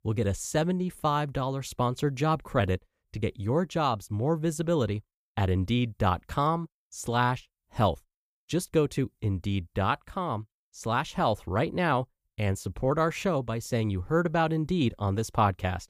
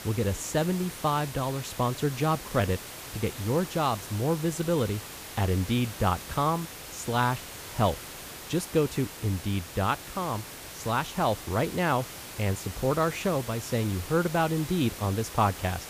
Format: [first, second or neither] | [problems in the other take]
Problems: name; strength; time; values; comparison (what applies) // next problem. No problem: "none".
first | hiss; noticeable; throughout; 10 dB below the speech